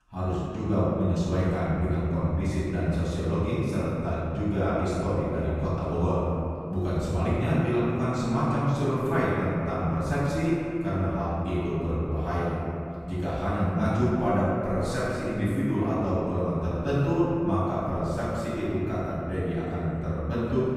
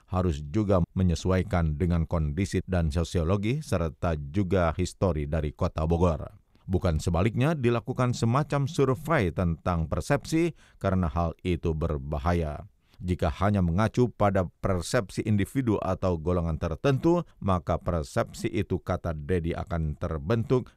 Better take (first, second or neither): second